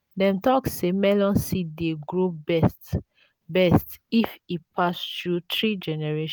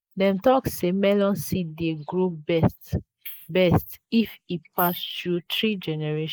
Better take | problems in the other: first | noise reduction (neural mask model Resemble Enhance denoiser)

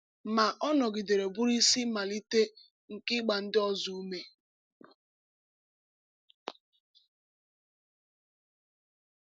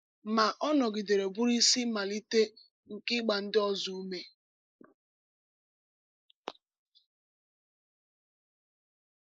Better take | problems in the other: first | noise reduction (neural mask model Resemble Enhance denoiser)

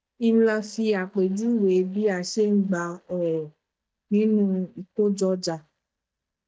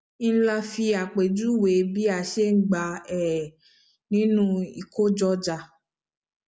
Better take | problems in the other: second | noise reduction (neural mask model DeepFilterNet 3)

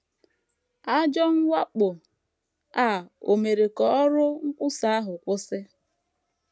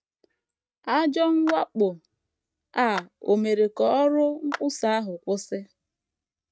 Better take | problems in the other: first | noise reduction (neural mask model RNNoise)

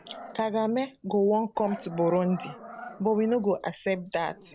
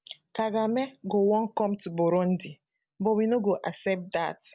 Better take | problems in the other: second | background sound (Growling); 18 dB below the speech

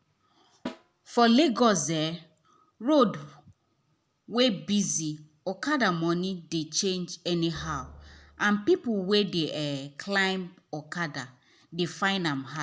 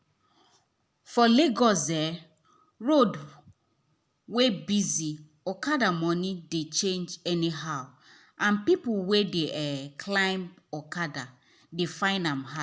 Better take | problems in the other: second | background sound (Drum + Snare drum); 19 dB below the speech

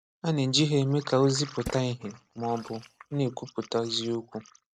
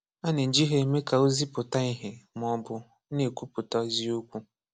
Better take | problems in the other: second | noise reduction (neural mask model RNNoise)

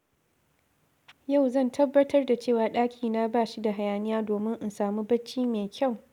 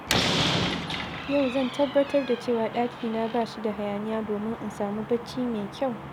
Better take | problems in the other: first | background sound (Slam); 4 dB below the speech

